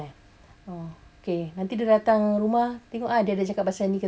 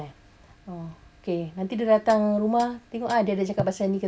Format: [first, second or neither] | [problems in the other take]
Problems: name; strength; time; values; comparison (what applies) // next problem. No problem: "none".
first | background sound (Hi-hat); 14 dB below the speech